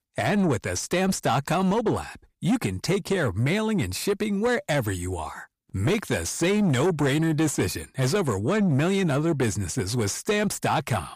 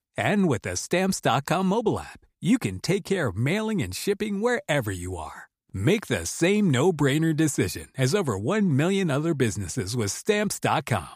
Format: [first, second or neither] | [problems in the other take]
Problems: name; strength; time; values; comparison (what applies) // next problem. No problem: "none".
second | distortion; slight; 10 dB below the speech